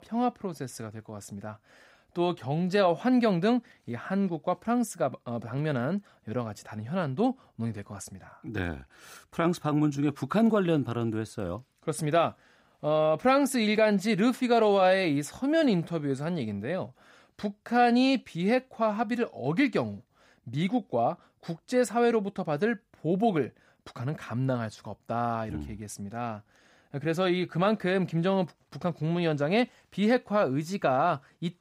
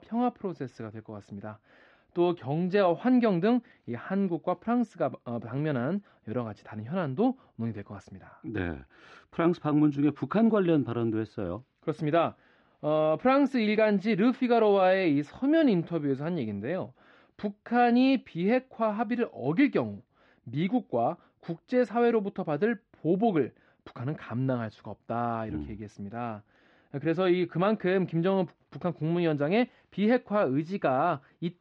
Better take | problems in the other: first | muffled; slightly; fading above 3.5 kHz

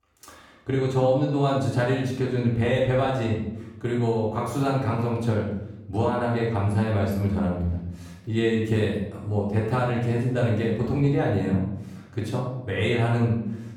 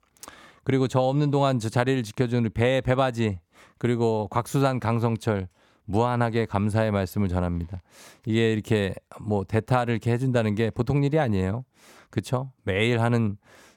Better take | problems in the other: second | off-mic speech; far // room echo; noticeable; dies away in 0.8 s

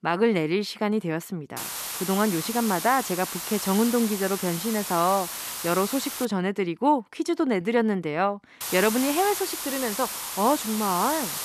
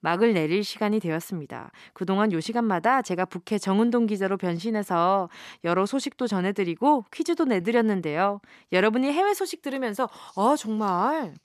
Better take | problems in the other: second | hiss; loud; from 1.5 to 6.5 s and from 8.5 s on; 5 dB below the speech

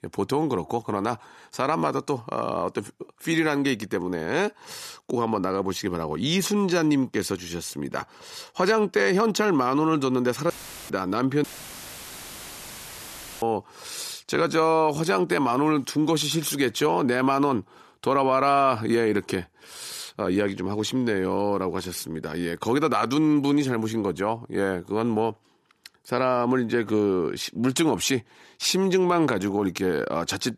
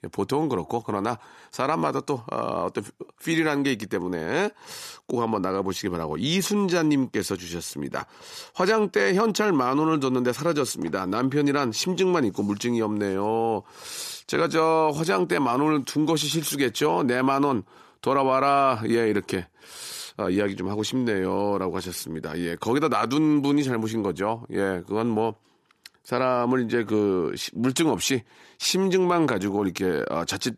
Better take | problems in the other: second | audio cutting out; filled with static; at 11 s for 2 s

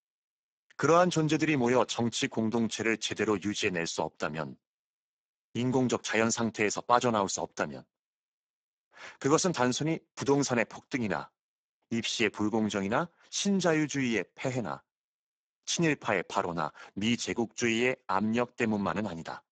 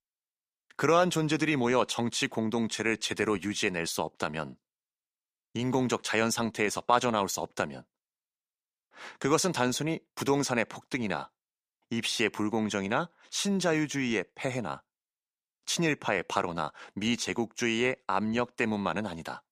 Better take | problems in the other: second | garbled, watery; badly; nothing above 7.5 kHz

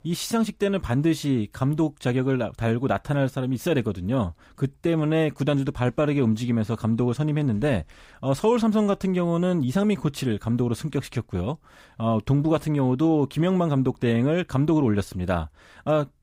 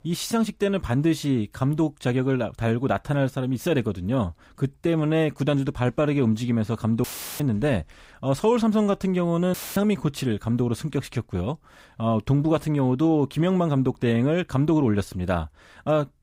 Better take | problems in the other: first | audio cutting out; filled with static; at 7 s and at 9.5 s

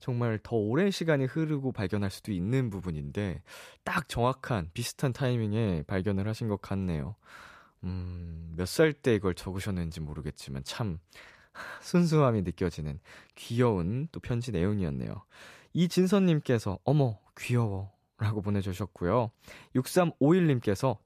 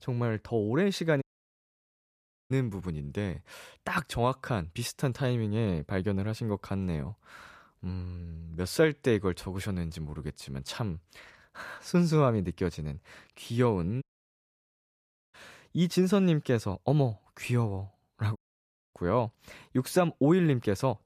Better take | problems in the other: first | audio cutting out; at 1 s for 1.5 s, at 14 s for 1.5 s and at 18 s for 0.5 s

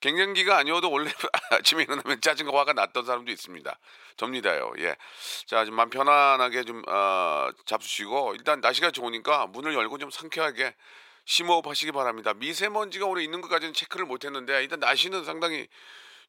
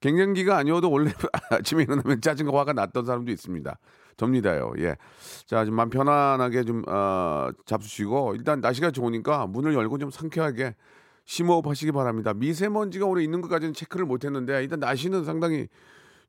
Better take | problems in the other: second | thin; very; fading below 650 Hz

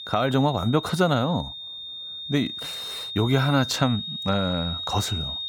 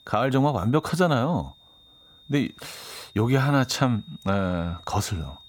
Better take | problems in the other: second | high-pitched whine; loud; throughout; 3.5 kHz, 7 dB below the speech; faint in the second

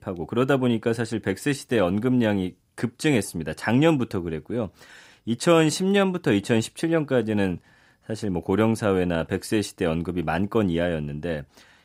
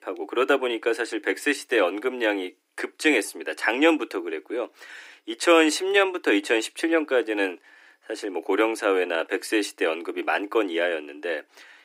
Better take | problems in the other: first | thin; somewhat; fading below 300 Hz

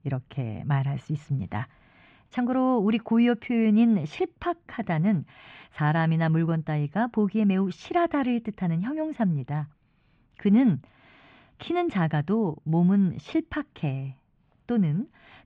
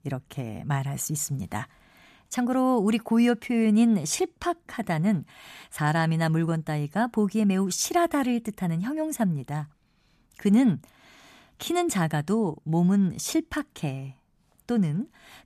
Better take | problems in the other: second | muffled; very; fading above 3 kHz

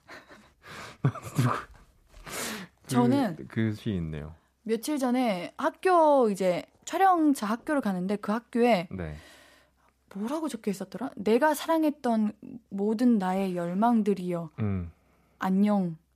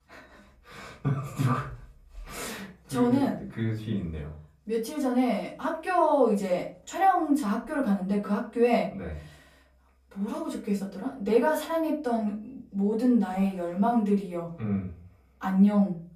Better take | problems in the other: first | off-mic speech; far // room echo; slight; dies away in 0.3 s

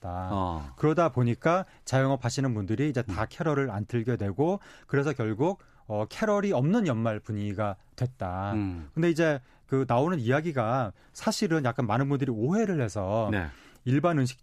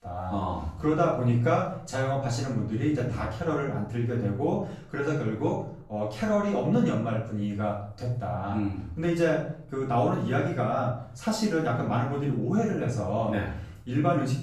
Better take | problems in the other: first | room echo; noticeable; dies away in 0.5 s // off-mic speech; far

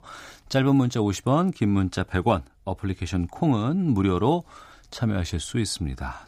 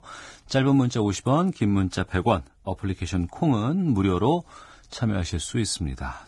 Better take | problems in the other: first | garbled, watery; badly

